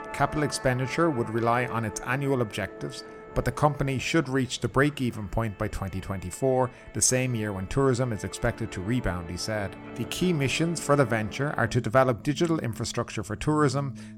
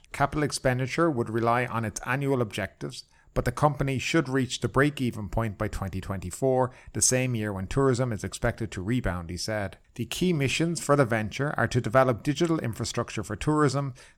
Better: second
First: background music; noticeable; throughout; 15 dB below the speech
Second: none

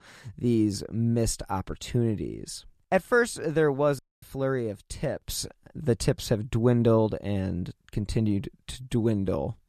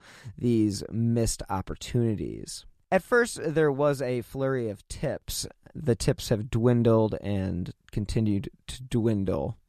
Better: second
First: audio cutting out; at 4 s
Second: none

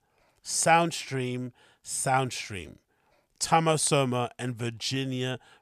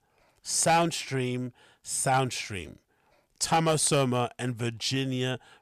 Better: first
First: none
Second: distortion; slight; 3% of the sound clipped

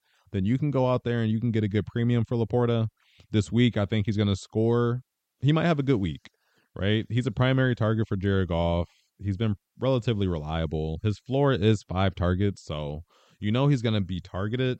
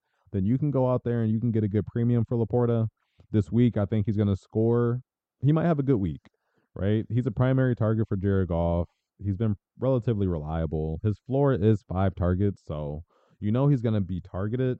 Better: first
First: none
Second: muffled; slightly; fading above 1.5 kHz

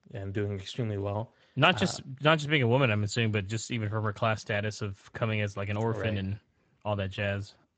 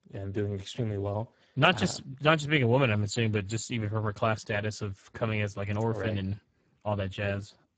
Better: first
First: garbled, watery; slightly; nothing above 7.5 kHz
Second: garbled, watery; badly; nothing above 7.5 kHz

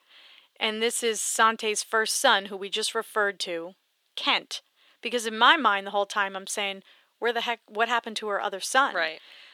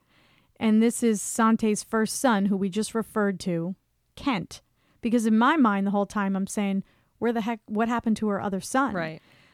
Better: second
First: thin; very; fading below 450 Hz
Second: none

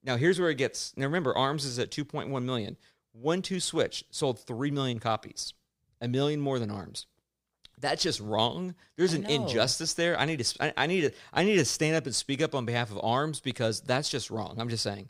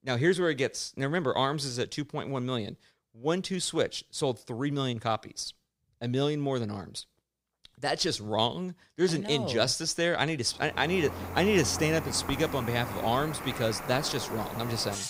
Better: first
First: none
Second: animal sounds; very faint; from 11 s on; 8 dB below the speech

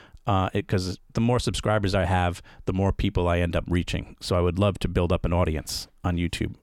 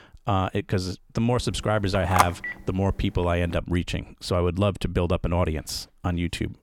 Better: first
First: none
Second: phone ringing; loud; at 2 s; peak 3 dB above the speech

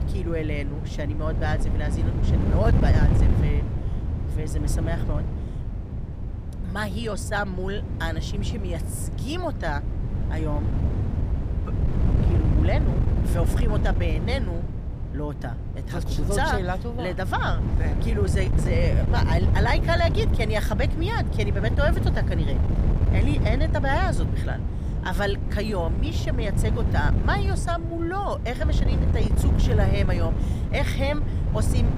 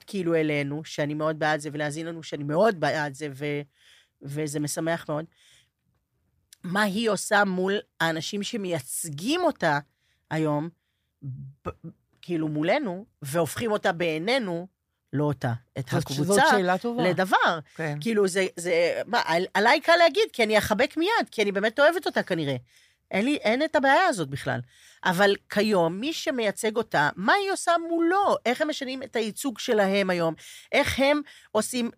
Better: second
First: wind noise on the microphone; heavy; 7 dB below the speech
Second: none

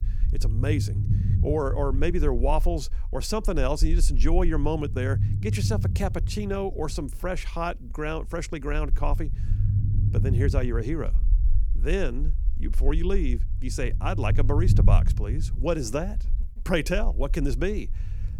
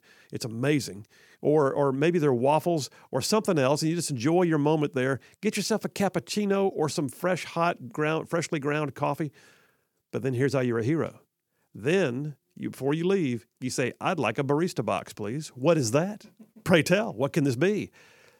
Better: second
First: low rumble; noticeable; throughout; 10 dB below the speech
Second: none

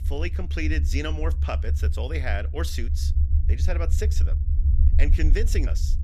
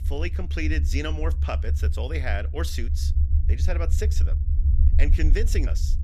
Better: neither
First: low rumble; loud; throughout; 10 dB below the speech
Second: low rumble; loud; throughout; 10 dB below the speech

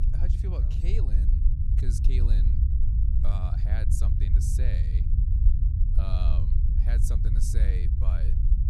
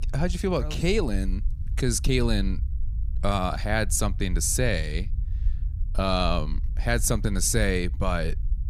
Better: second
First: low rumble; loud; throughout; as loud as the speech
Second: low rumble; faint; throughout; 25 dB below the speech

